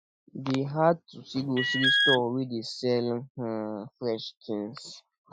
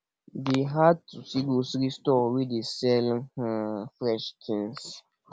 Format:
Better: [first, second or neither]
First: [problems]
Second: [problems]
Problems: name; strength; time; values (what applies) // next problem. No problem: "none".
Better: second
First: noise reduction (classical method Wiener filter)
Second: none